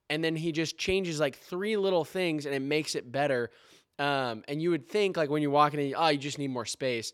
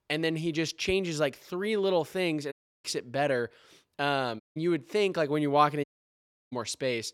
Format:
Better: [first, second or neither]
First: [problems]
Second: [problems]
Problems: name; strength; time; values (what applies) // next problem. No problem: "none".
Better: first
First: none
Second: audio cutting out; at 2.5 s, at 4.5 s and at 6 s for 0.5 s